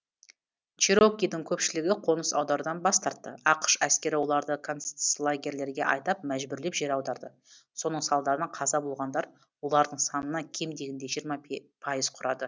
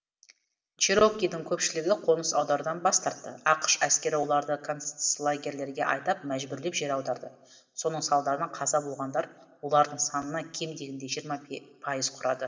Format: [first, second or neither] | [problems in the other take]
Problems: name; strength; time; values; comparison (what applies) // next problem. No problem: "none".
first | room echo; dies away in 1 s